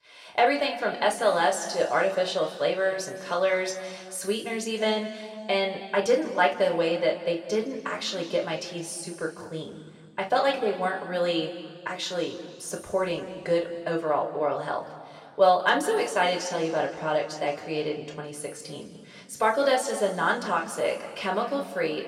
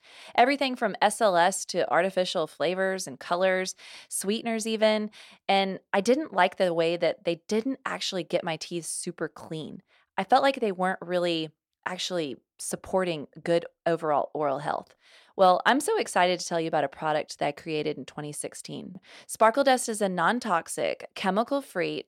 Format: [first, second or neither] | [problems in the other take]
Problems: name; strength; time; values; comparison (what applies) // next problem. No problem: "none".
second | room echo; slight; dies away in 1.9 s // off-mic speech; somewhat distant